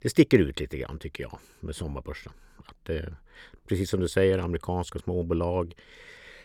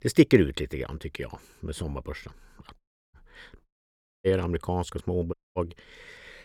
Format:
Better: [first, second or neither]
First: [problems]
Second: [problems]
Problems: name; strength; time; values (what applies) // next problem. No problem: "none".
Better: first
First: none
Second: audio cutting out; at 3 s, at 3.5 s for 0.5 s and at 5.5 s